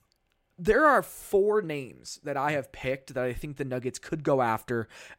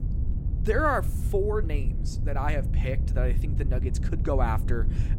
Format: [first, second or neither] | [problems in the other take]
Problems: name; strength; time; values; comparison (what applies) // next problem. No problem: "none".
first | wind noise on the microphone; occasional gusts; 15 dB below the speech